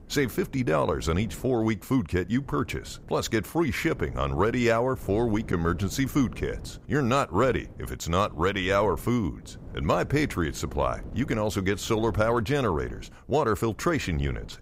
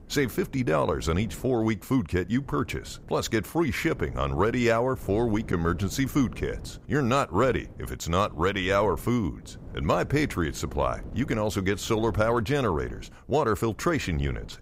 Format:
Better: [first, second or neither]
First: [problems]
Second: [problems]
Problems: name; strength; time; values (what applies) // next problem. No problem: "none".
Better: neither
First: wind noise on the microphone; occasional gusts; 25 dB below the speech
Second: wind noise on the microphone; occasional gusts; 25 dB below the speech